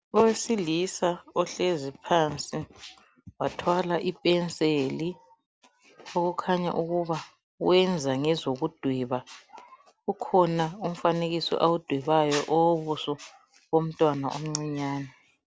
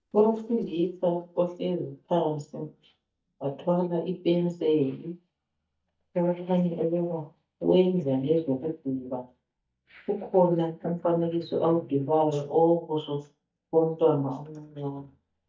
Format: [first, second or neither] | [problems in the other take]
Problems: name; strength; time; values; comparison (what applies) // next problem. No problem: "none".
first | noise reduction (neural mask model DeepFilterNet 3)